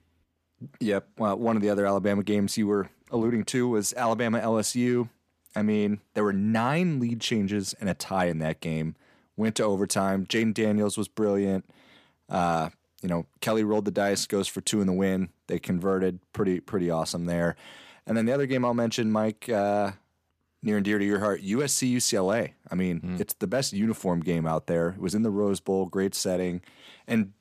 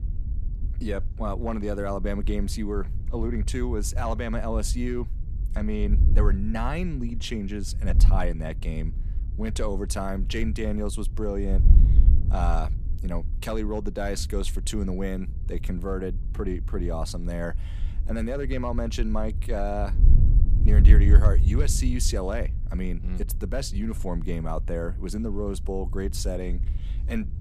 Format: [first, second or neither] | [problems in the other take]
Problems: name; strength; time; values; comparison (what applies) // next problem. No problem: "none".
first | wind noise on the microphone; occasional gusts; 15 dB below the speech